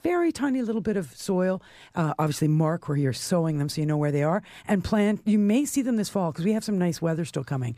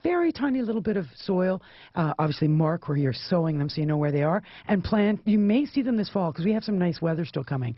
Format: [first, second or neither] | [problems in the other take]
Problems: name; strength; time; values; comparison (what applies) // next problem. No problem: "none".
first | garbled, watery; badly; nothing above 5.5 kHz